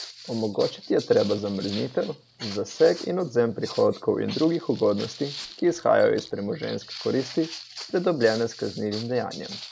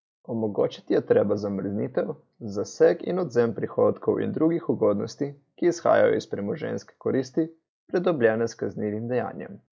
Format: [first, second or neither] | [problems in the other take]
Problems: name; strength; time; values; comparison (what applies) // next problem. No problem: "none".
second | background sound (Walk, footsteps); 16 dB below the speech